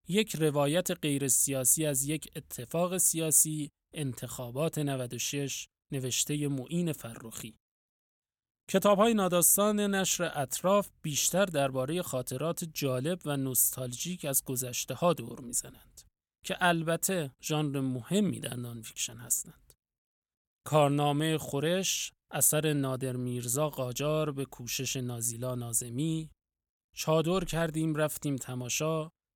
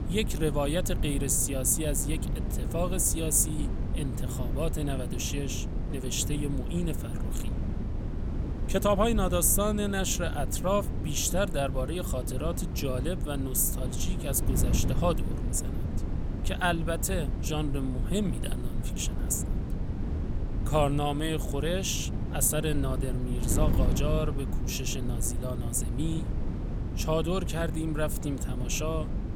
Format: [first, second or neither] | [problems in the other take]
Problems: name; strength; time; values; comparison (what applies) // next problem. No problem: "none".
first | wind noise on the microphone; occasional gusts; 10 dB below the speech